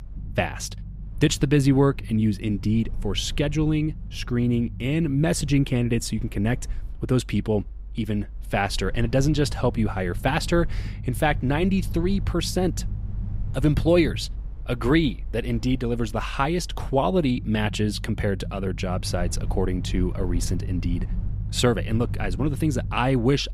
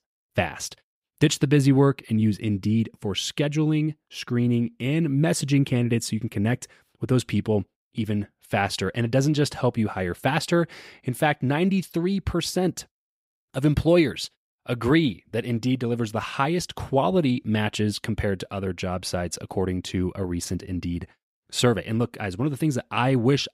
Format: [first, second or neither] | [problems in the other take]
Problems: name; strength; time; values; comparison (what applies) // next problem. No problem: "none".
second | low rumble; faint; throughout; 20 dB below the speech